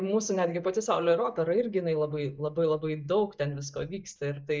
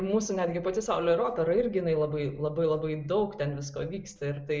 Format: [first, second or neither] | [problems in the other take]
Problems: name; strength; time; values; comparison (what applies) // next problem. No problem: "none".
second | noise reduction (neural mask model DeepFilterNet 3)